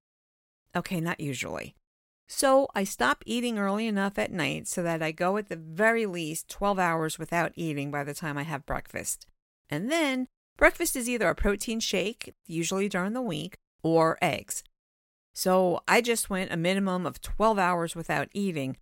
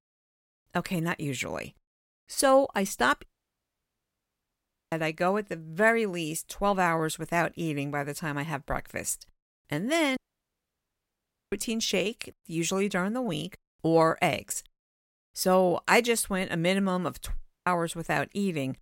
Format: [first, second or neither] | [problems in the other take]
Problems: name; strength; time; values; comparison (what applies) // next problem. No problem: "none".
first | audio cutting out; at 3.5 s for 1.5 s, at 10 s for 1.5 s and at 17 s